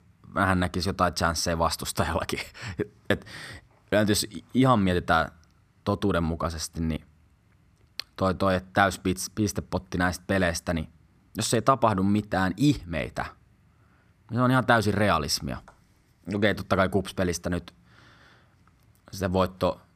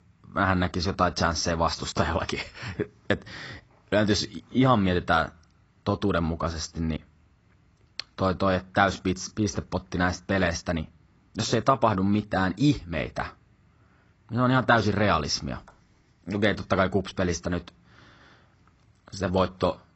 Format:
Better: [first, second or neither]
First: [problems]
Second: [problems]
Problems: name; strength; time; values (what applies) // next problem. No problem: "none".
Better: first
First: none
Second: garbled, watery; badly; nothing above 7.5 kHz